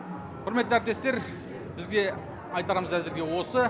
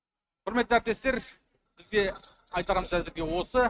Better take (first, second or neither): first